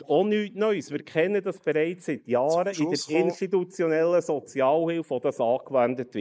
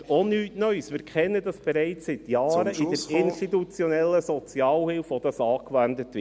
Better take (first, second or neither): second